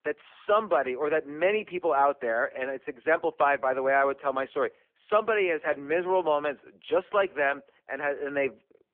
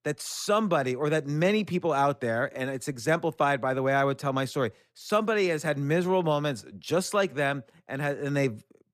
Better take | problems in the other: second | phone-call audio; poor line

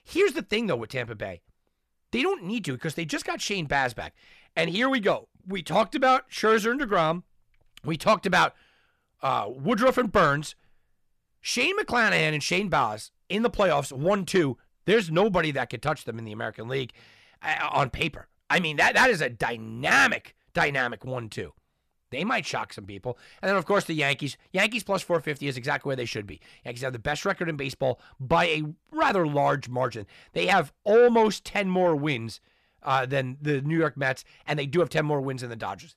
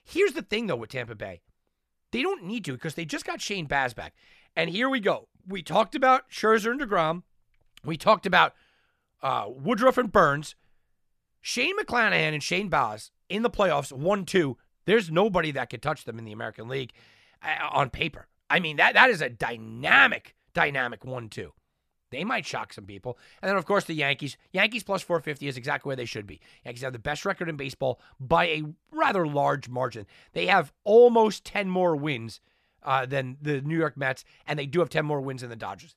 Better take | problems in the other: second | distortion; slight; 10 dB below the speech

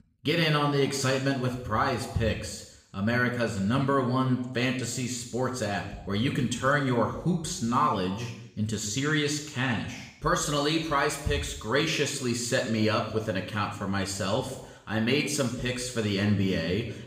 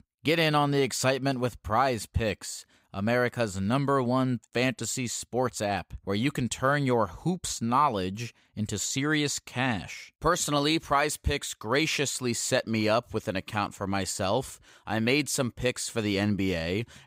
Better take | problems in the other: second | room echo; slight; dies away in 0.8 s // off-mic speech; somewhat distant

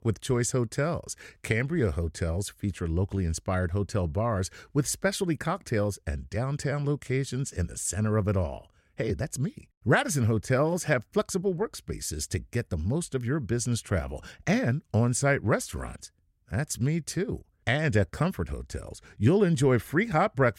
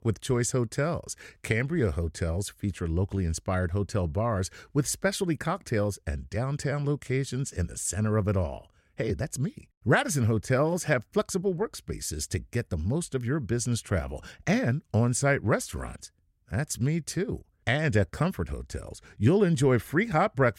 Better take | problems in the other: neither | none

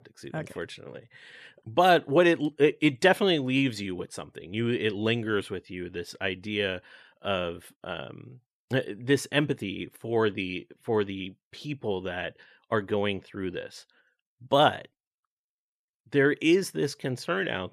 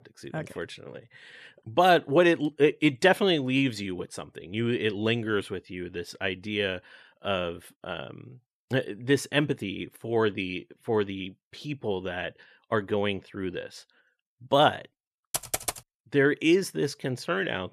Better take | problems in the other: first | keyboard typing; noticeable; at 15 s; peak 2 dB below the speech

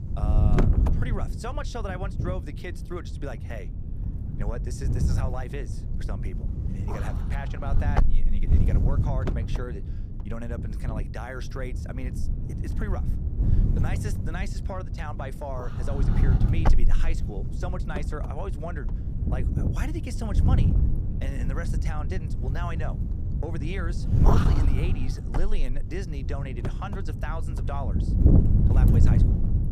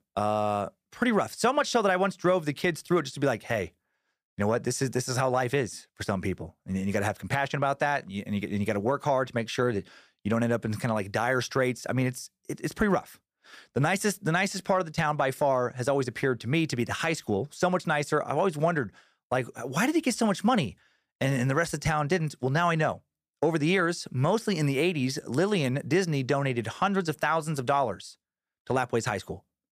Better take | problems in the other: second | wind noise on the microphone; heavy; as loud as the speech

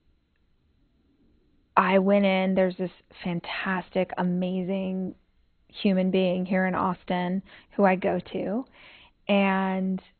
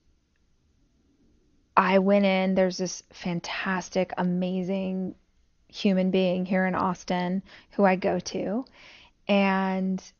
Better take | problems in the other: second | garbled, watery; badly; nothing above 4 kHz; slightly in the second

